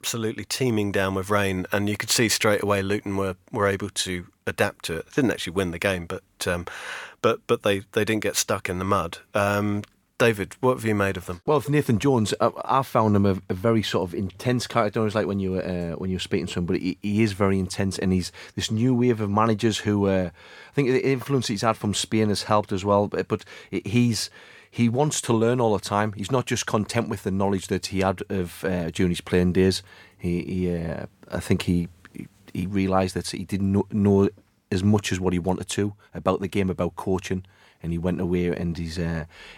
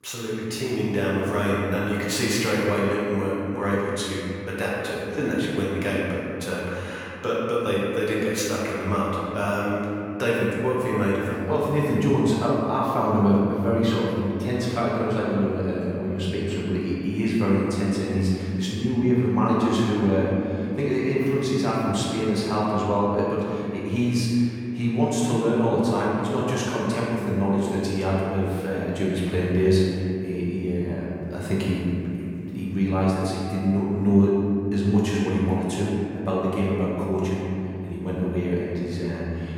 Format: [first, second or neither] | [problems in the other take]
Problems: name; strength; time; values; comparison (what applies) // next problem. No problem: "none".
first | room echo; strong; dies away in 2.9 s // off-mic speech; far